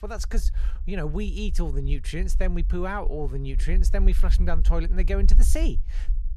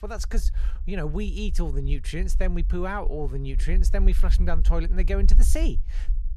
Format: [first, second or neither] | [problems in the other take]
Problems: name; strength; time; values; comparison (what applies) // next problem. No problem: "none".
neither | low rumble; noticeable; throughout; 15 dB below the speech; the same in both